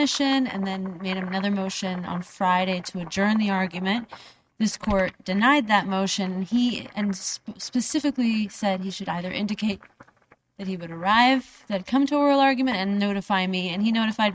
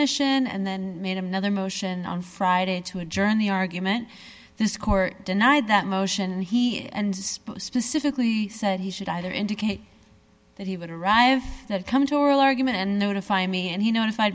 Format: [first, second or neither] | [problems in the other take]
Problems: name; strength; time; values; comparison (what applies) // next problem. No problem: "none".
second | noise reduction (neural mask model RNNoise)